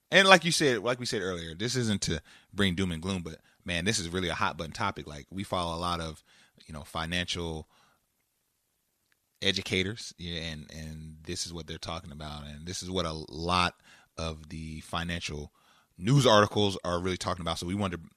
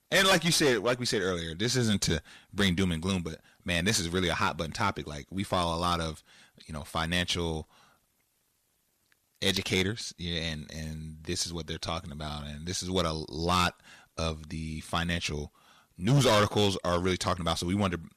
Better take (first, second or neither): first